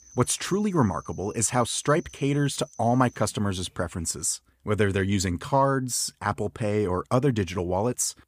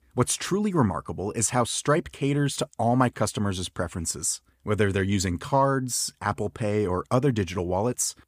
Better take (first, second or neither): second